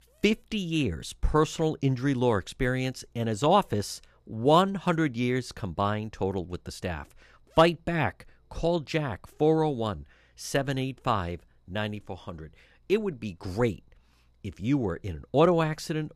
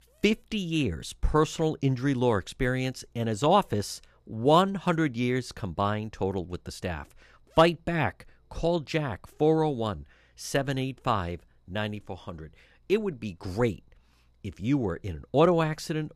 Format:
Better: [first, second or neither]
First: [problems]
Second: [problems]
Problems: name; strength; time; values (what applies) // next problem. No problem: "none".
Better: neither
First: none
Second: none